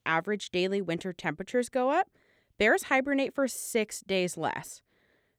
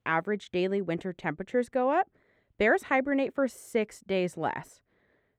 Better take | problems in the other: first | muffled; slightly; fading above 3 kHz

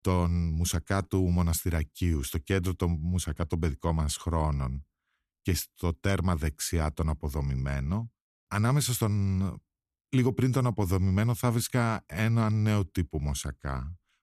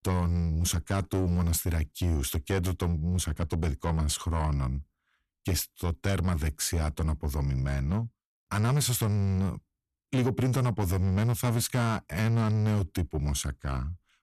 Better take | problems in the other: first | distortion; slight; 10 dB below the speech

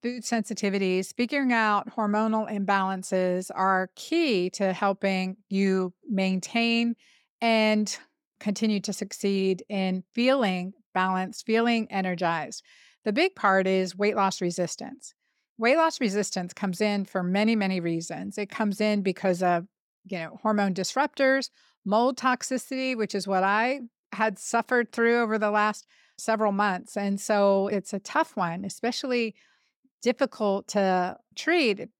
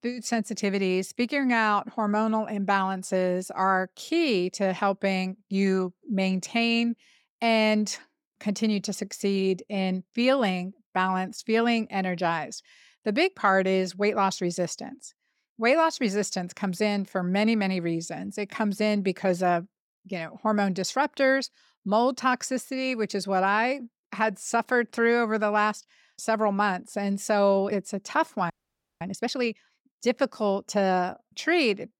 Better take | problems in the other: first | audio freezing; at 29 s for 0.5 s

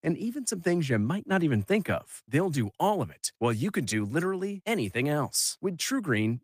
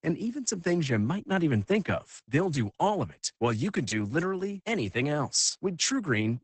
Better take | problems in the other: first | garbled, watery; badly; nothing above 8 kHz; slightly in the first

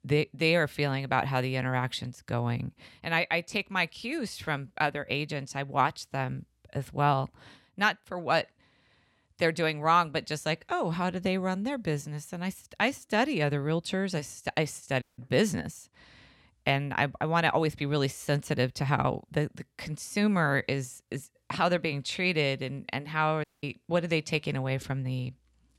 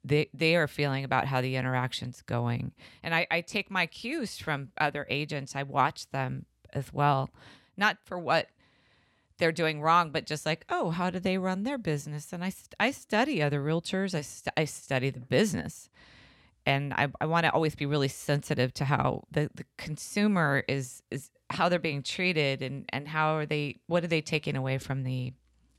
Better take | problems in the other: second | audio cutting out; at 15 s and at 23 s

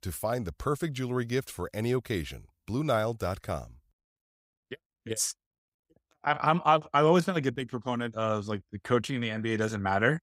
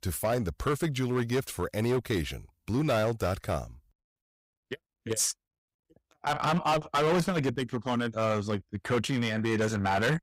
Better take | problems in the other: first | distortion; heavy; 9% of the sound clipped

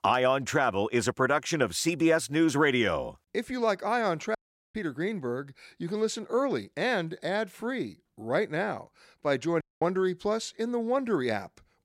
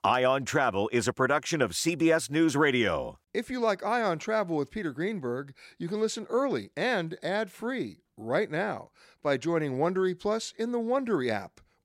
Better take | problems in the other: second | audio cutting out; at 4.5 s and at 9.5 s

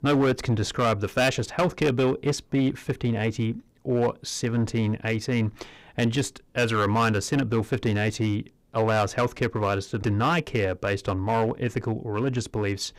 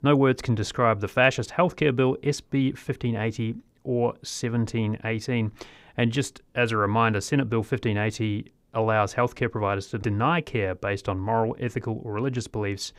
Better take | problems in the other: second | distortion; slight; 7% of the sound clipped

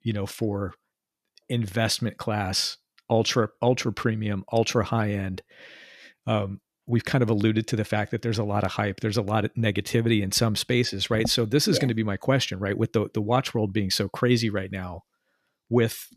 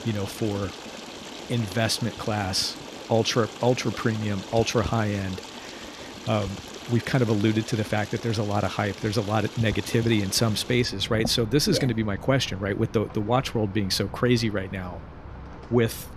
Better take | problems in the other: first | rain or running water; noticeable; throughout; 15 dB below the speech

